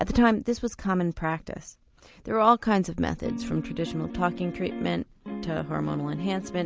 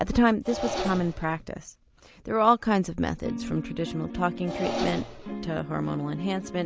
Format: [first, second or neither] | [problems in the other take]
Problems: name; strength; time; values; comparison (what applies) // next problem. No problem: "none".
first | background sound (Engine); 11 dB below the speech